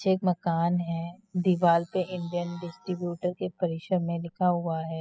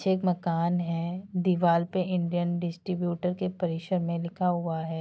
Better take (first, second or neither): second